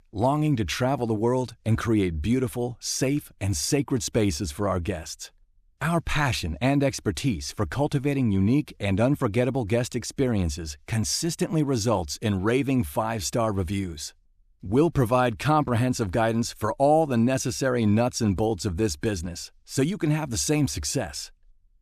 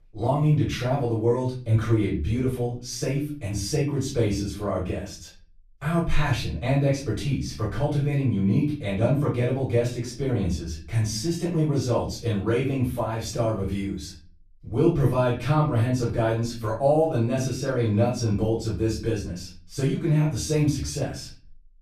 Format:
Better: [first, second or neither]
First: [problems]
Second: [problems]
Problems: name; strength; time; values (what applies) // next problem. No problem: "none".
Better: first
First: none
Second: off-mic speech; far // room echo; slight; dies away in 0.4 s